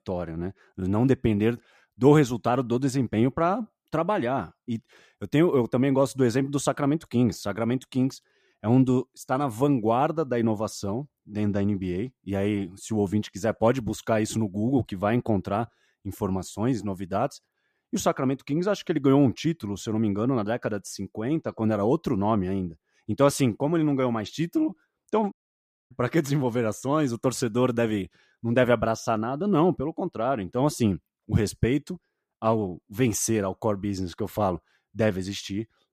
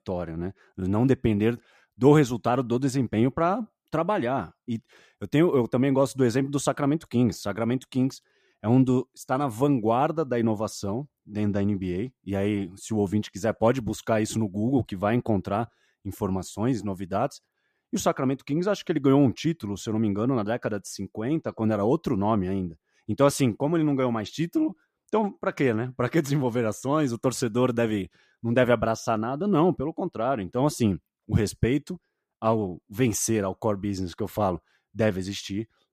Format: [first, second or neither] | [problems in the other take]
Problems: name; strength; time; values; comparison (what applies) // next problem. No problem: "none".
second | audio cutting out; at 25 s for 0.5 s